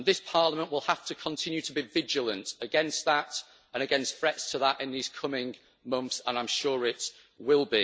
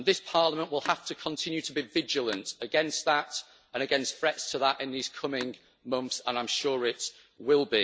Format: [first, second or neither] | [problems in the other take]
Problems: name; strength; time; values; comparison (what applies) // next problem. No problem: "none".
first | background sound (Telephone); 20 dB below the speech